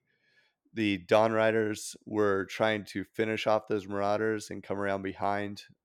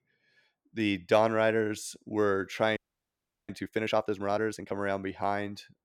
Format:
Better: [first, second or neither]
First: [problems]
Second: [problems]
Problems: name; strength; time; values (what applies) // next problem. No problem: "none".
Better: first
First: none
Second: audio freezing; at 3 s for 0.5 s